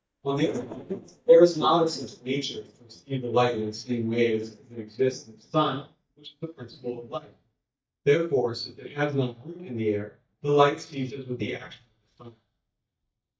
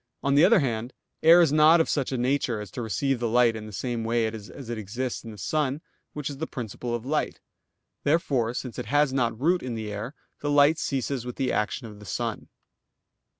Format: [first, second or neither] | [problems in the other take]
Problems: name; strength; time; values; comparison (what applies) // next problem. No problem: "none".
second | noise reduction (neural mask model DeepFilterNet 3)